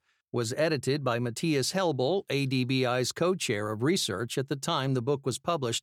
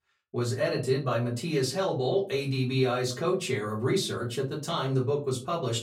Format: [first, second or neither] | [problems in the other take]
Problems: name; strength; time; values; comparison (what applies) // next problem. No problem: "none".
first | off-mic speech; far // room echo; very slight; dies away in 0.3 s